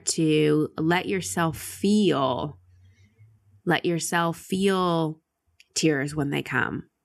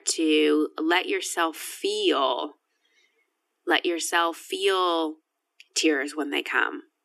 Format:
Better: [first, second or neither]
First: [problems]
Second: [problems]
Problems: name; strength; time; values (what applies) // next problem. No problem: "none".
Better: first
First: none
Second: thin; somewhat; fading below 300 Hz